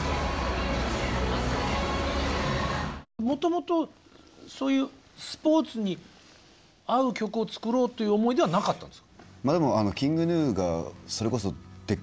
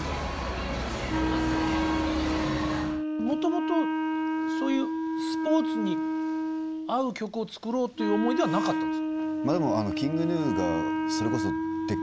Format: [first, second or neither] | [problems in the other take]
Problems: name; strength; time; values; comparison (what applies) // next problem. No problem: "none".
first | background sound (Wind instrument, woodwind instrument); 1 dB above the speech